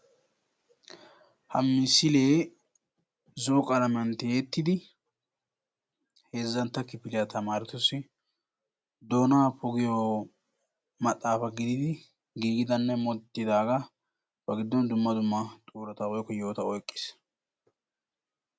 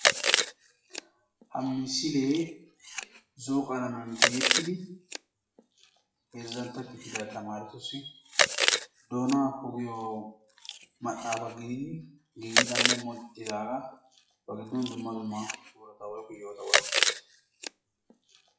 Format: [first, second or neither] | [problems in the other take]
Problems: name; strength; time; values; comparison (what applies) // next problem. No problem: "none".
first | noise reduction (classical method WPE with log-MMSE)